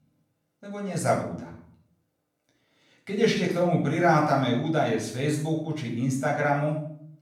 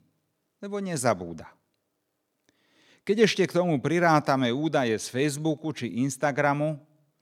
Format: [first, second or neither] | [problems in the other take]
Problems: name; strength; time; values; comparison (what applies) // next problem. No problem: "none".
second | off-mic speech; far // room echo; noticeable; dies away in 0.6 s